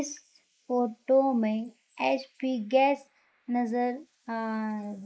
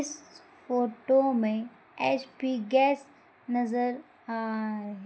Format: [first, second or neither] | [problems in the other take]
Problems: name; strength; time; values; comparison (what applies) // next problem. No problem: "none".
second | noise reduction (neural mask model Resemble Enhance denoiser)